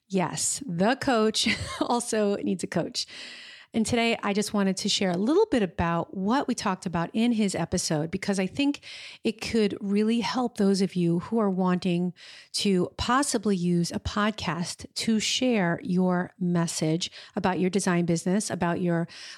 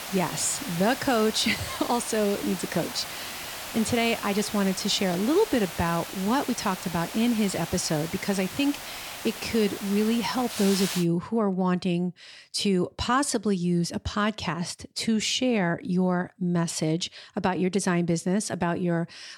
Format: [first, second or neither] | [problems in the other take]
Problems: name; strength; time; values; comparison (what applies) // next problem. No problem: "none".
first | hiss; loud; until 11 s; 9 dB below the speech